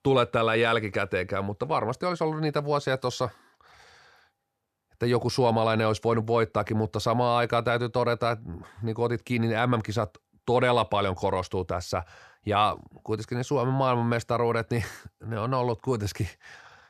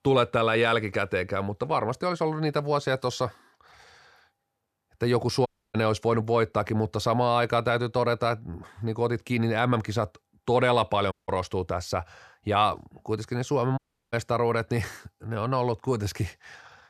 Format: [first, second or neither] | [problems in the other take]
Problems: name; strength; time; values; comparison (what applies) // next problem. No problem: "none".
first | audio cutting out; at 5.5 s, at 11 s and at 14 s